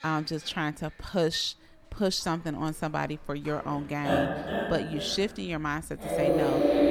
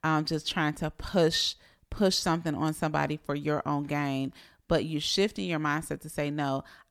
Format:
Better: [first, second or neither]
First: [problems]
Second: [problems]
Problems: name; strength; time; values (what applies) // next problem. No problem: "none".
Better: second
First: animal sounds; very loud; throughout; 2 dB above the speech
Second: none